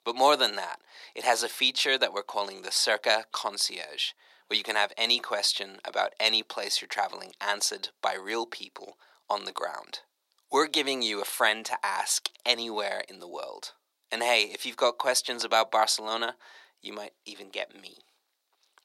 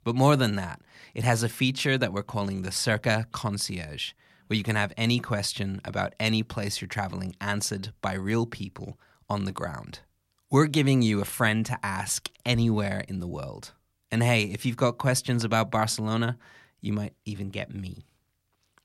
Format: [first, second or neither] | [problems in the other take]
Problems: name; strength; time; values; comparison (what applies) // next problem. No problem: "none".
second | thin; very; fading below 400 Hz